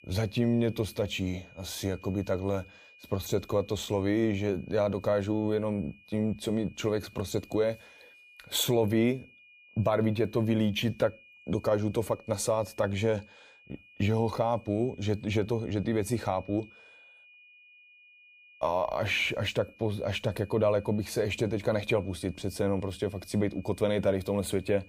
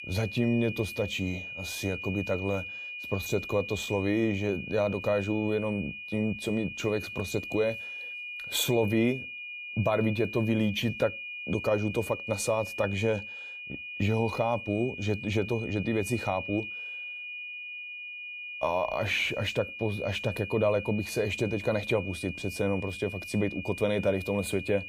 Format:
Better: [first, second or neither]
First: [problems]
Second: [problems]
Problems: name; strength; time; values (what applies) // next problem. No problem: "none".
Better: first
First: high-pitched whine; faint; throughout; 2.5 kHz, 25 dB below the speech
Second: high-pitched whine; loud; throughout; 2.5 kHz, 8 dB below the speech